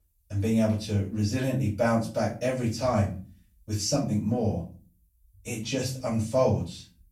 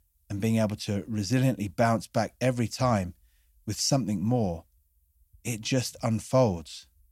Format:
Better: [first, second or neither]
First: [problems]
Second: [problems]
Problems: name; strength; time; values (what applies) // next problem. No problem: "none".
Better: second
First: off-mic speech; far // room echo; slight; dies away in 0.3 s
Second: none